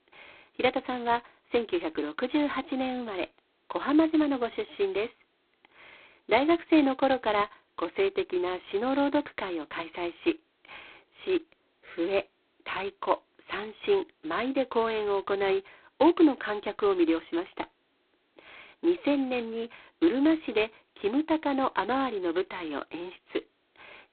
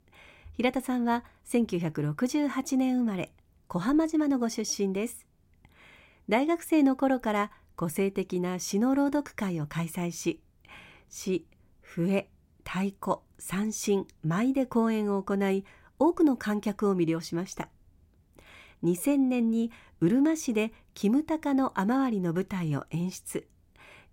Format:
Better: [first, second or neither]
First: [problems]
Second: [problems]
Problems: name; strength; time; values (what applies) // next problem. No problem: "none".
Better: second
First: phone-call audio; poor line; nothing above 4 kHz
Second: none